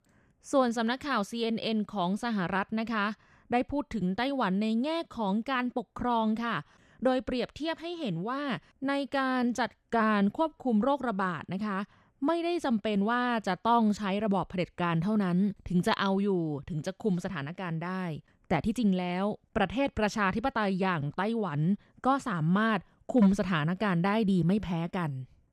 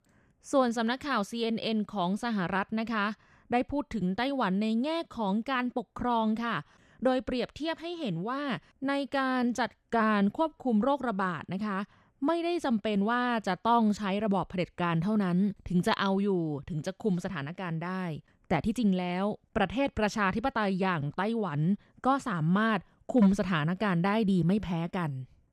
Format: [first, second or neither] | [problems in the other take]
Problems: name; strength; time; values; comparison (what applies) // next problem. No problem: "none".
neither | none